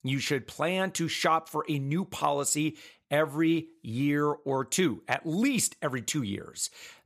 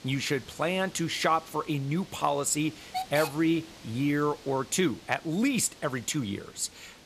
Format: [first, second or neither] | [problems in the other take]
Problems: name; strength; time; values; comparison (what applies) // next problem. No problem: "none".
first | hiss; noticeable; throughout; 15 dB below the speech